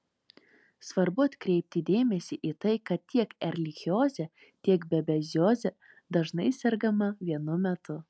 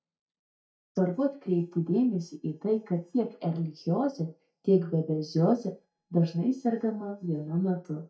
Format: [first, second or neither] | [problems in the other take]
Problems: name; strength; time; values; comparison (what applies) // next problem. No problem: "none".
first | noise reduction (neural mask model DeepFilterNet 3)